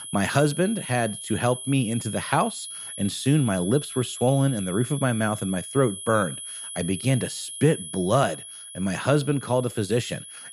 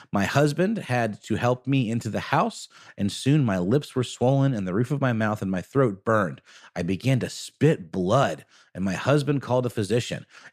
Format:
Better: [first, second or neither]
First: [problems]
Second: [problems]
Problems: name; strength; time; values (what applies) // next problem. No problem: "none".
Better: second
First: high-pitched whine; loud; throughout; 10.5 kHz, 10 dB below the speech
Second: none